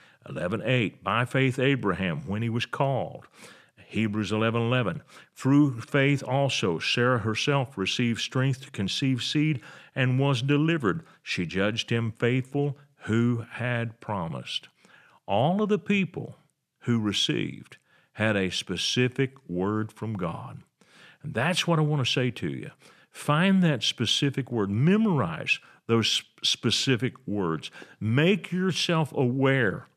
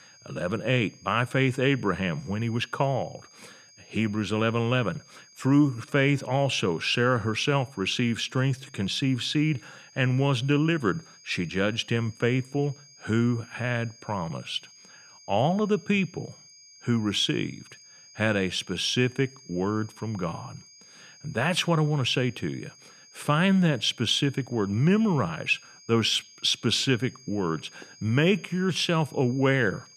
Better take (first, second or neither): first